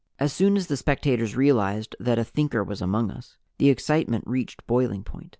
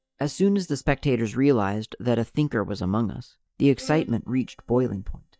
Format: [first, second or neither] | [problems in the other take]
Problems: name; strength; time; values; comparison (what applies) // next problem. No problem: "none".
first | noise reduction (neural mask model DeepFilterNet 3)